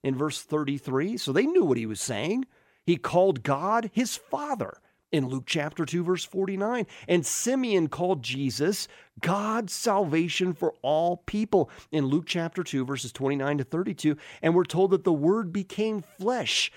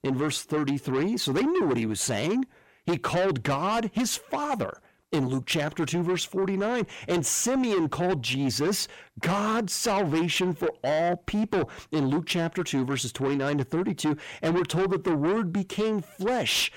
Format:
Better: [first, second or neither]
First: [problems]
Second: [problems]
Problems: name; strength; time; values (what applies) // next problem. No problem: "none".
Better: first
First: none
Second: distortion; heavy; 7 dB below the speech